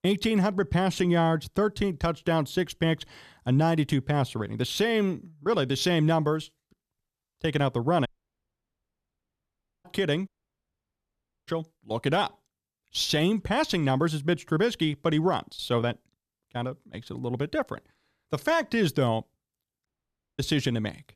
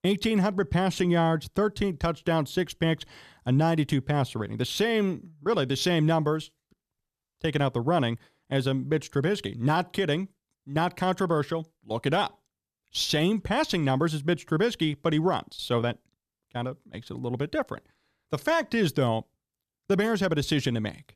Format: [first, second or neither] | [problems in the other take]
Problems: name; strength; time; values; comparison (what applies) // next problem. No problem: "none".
second | audio cutting out; at 8 s for 2 s, at 10 s for 1 s and at 20 s for 0.5 s